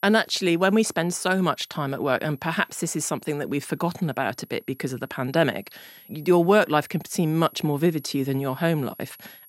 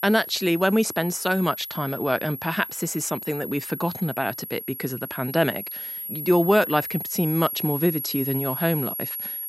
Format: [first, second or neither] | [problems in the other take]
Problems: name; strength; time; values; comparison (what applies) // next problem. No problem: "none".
first | high-pitched whine; loud; throughout; 11.5 kHz, 7 dB below the speech; faint in the first